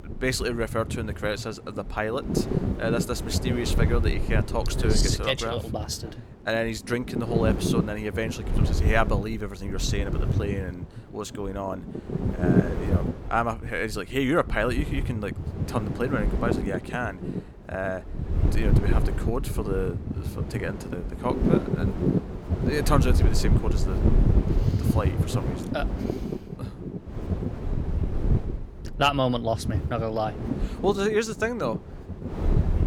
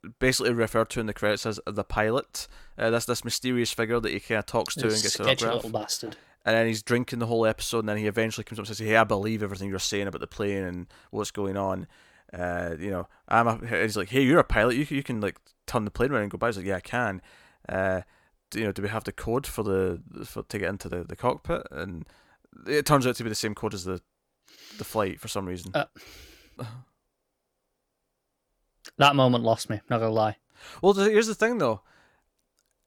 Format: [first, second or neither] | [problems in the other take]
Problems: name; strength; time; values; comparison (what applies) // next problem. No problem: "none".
second | wind noise on the microphone; heavy; 6 dB below the speech